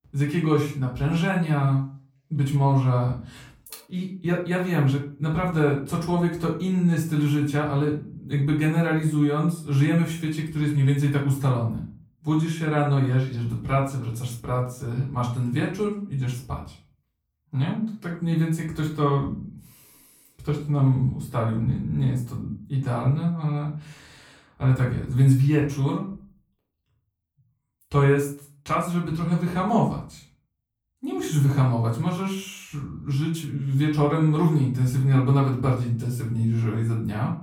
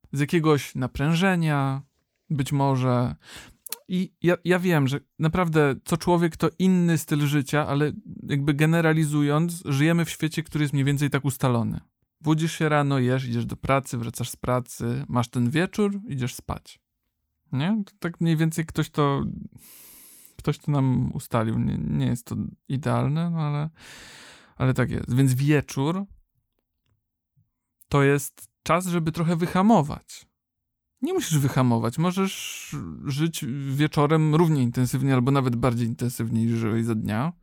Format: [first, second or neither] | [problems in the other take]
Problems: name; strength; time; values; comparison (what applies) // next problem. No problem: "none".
second | off-mic speech; far // room echo; slight; dies away in 0.4 s